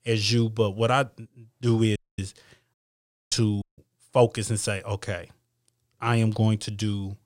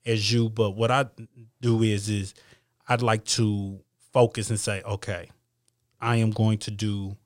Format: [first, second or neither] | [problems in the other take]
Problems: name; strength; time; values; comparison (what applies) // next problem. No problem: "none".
second | audio cutting out; at 2 s, at 2.5 s for 0.5 s and at 3.5 s